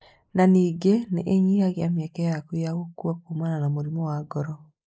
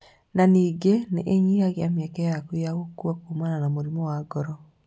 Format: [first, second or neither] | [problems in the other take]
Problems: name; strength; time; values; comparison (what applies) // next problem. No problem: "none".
second | noise reduction (neural mask model Resemble Enhance denoiser)